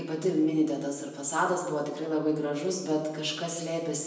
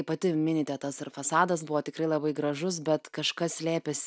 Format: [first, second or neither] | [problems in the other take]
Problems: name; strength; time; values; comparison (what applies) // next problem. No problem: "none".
second | room echo; dies away in 0.9 s